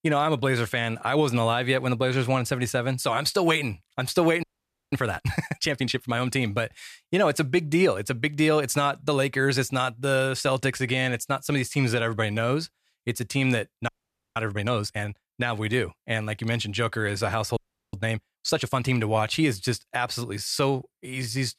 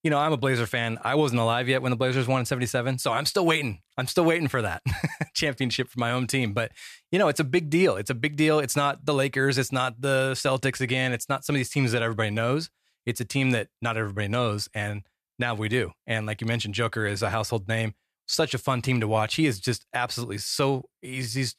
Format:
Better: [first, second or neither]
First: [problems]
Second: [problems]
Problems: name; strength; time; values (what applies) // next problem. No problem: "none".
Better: second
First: audio freezing; at 4.5 s, at 14 s and at 18 s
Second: none